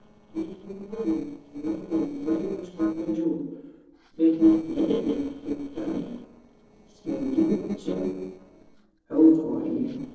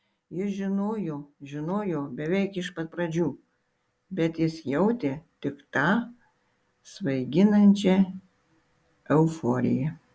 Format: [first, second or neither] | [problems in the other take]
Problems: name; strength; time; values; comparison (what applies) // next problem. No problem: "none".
second | noise reduction (neural separator model SepFormer DNS4)